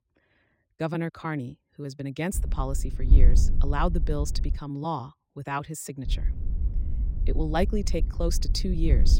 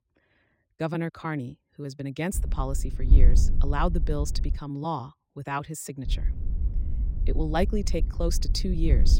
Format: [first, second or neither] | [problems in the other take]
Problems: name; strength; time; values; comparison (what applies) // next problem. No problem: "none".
neither | wind noise on the microphone; occasional gusts; from 2.5 to 4.5 s and from 6 s on; 15 dB below the speech; the same in both